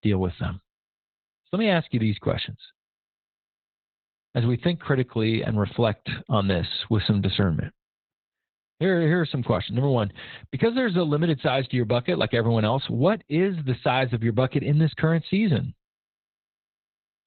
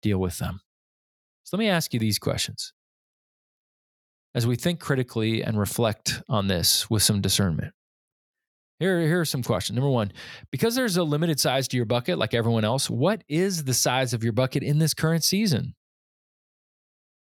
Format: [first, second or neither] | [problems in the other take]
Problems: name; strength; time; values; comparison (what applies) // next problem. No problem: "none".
second | garbled, watery; badly; nothing above 4 kHz